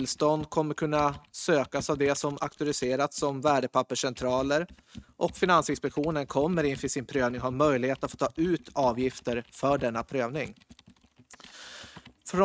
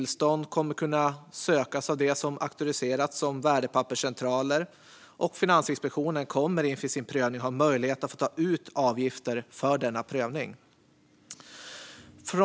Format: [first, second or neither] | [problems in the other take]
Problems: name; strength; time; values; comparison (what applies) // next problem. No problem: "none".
second | noise reduction (neural mask model RNNoise)